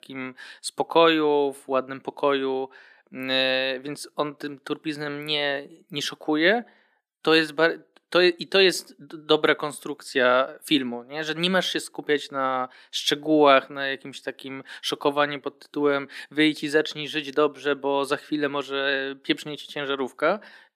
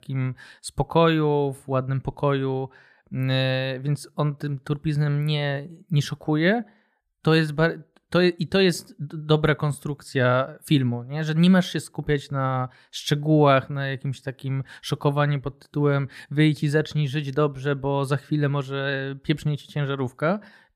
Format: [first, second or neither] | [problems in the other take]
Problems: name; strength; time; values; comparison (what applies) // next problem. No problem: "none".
second | thin; somewhat; fading below 250 Hz